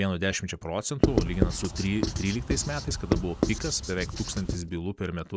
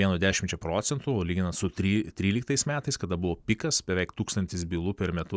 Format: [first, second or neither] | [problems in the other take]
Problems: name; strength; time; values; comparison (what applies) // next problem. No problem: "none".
second | background sound (Writing); 1 dB above the speech